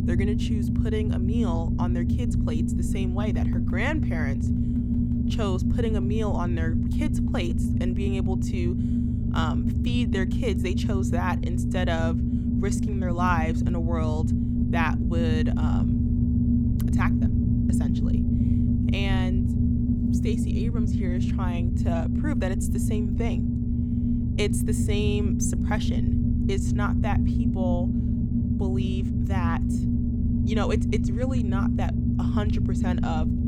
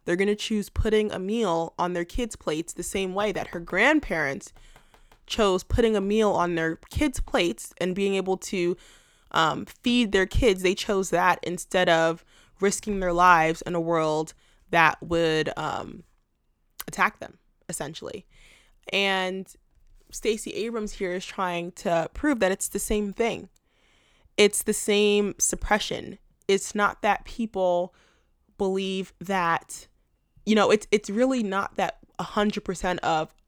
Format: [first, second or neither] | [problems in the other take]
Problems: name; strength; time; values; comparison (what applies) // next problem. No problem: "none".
second | low rumble; loud; throughout; as loud as the speech